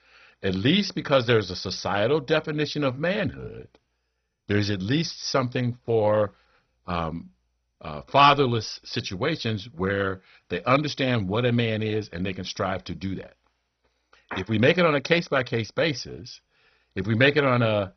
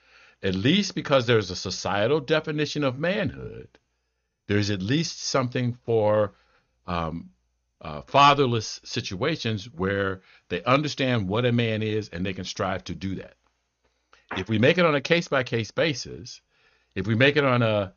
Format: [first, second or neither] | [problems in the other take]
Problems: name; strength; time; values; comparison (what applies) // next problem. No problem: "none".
second | garbled, watery; badly; nothing above 6 kHz; slightly in the second